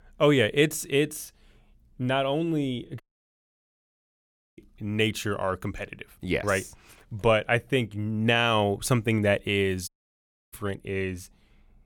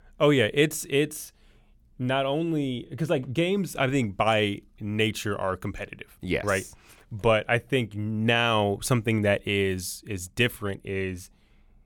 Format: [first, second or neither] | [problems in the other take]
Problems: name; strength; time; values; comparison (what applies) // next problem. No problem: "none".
second | audio cutting out; at 3 s for 1.5 s and at 10 s for 0.5 s